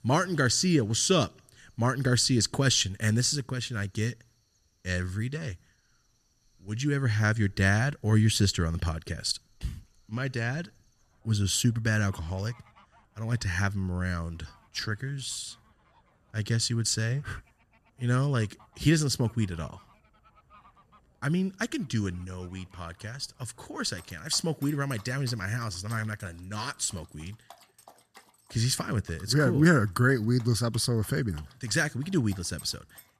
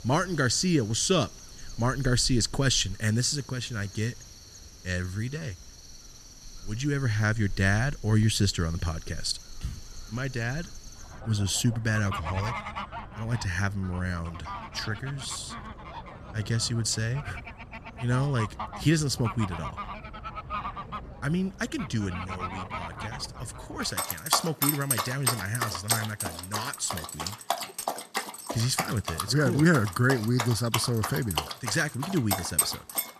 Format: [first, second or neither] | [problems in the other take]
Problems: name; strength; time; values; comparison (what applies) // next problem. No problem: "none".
first | animal sounds; loud; throughout; 6 dB below the speech; faint in the first